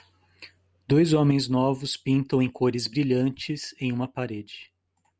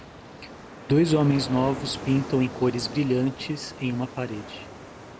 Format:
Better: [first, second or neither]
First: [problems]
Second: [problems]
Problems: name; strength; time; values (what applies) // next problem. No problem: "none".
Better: first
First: none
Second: background sound (Ocean); 13 dB below the speech